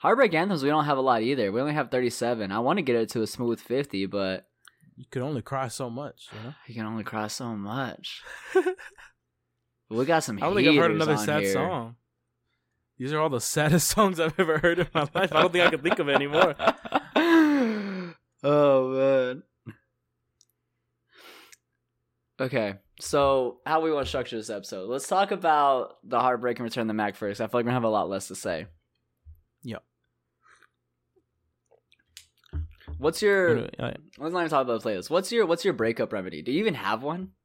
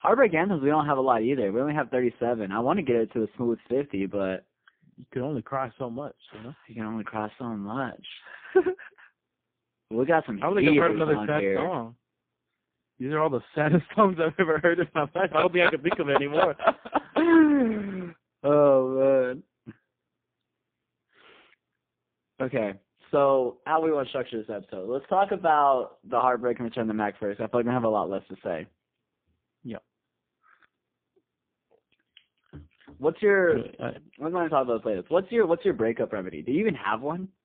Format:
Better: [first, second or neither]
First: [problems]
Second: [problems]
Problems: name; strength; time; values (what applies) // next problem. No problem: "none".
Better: first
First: none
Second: phone-call audio; poor line